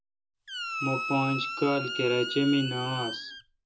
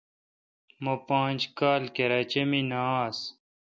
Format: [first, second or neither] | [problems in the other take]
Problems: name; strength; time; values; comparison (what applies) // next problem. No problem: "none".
second | background sound (Squeak); 6 dB below the speech // room echo; dies away in 0.2 s